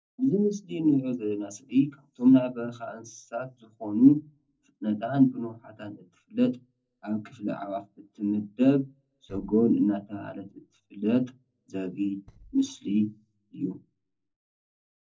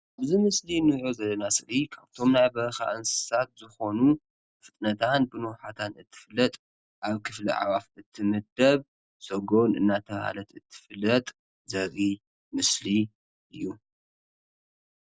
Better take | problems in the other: second | noise reduction (neural separator model SepFormer DNS4)

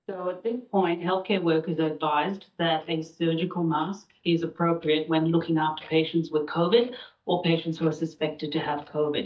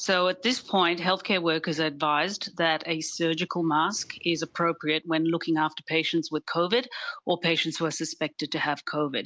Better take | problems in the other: second | noise reduction (neural mask model DeepFilterNet 3)

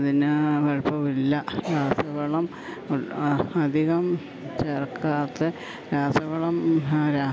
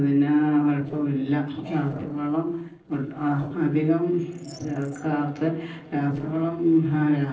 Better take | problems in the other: first | noise reduction (neural separator model SepFormer DNS4)

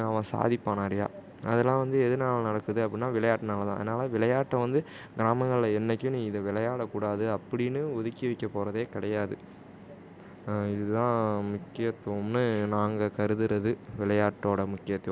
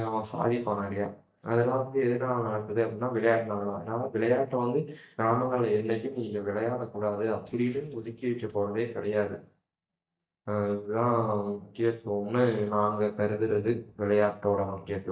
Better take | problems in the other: first | noise reduction (neural mask model DeepFilterNet 3)

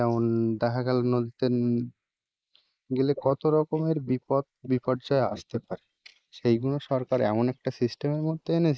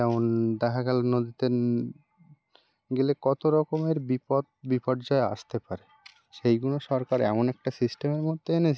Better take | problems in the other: second | noise reduction (neural mask model Resemble Enhance denoiser)

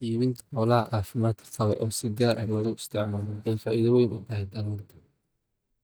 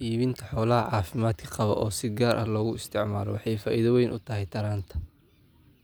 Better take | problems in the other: second | noise reduction (neural mask model DeepFilterNet 3)

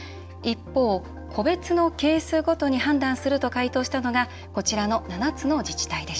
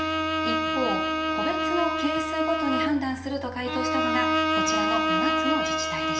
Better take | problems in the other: first | background sound (Bowed string instrument); 4 dB above the speech // room echo; dies away in 1 s

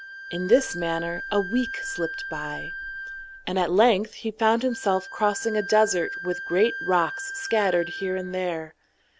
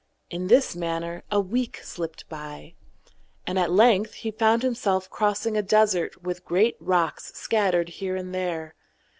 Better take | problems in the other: second | background sound (Wind instrument, woodwind instrument); 10 dB below the speech

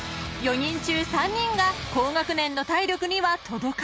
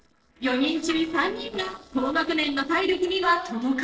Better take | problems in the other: first | noise reduction (neural separator model SepFormer DNS4)

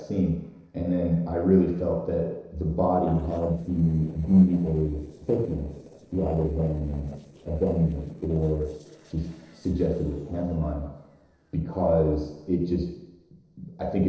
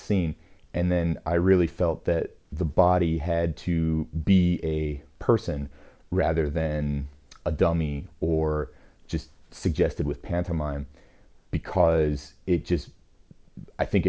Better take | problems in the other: second | noise reduction (neural separator model SepFormer DNS4)

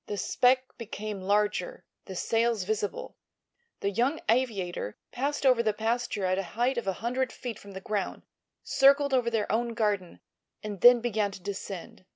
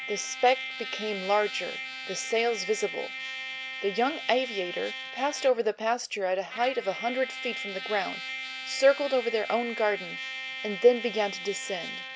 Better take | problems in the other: first | background sound (Trumpet); 9 dB below the speech

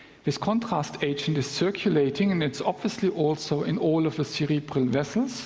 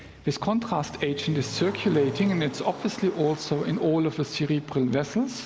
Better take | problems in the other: first | background sound (Motor vehicle (road)); 16 dB below the speech

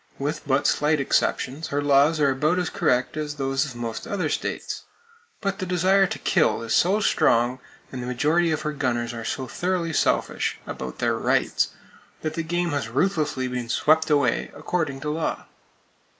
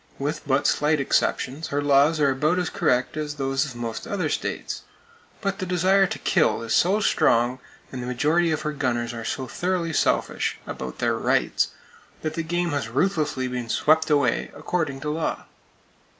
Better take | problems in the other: second | noise reduction (neural mask model Resemble Enhance denoiser)

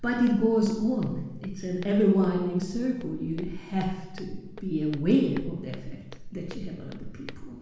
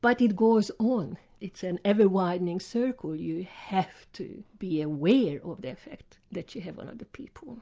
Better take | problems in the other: second | background sound (Walk, footsteps); 12 dB below the speech // room echo; dies away in 1.1 s

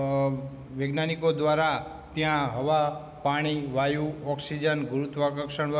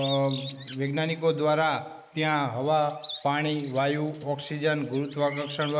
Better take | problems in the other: first | noise reduction (neural mask model Resemble Enhance denoiser)

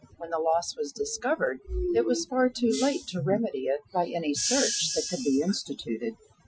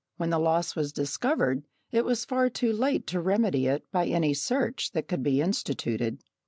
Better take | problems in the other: second | noise reduction (classical method Wiener filter)

